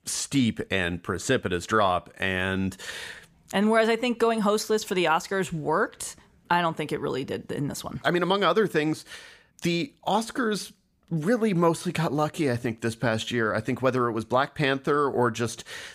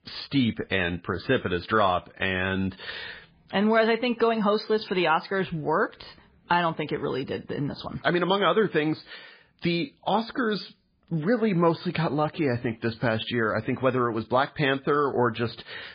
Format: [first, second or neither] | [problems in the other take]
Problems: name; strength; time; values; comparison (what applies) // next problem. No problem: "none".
first | garbled, watery; badly; nothing above 4 kHz